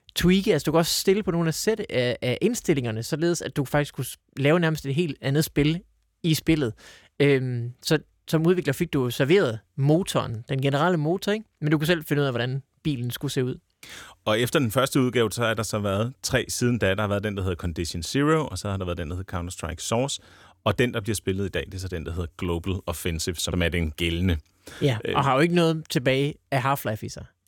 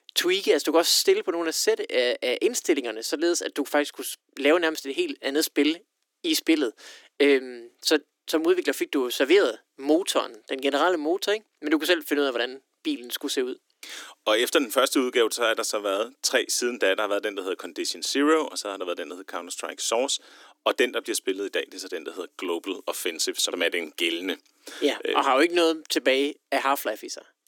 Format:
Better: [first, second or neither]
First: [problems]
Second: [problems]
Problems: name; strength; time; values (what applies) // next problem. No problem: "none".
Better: first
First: none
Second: thin; somewhat; fading below 300 Hz